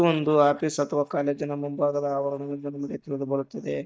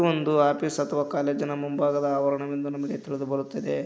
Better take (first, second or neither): second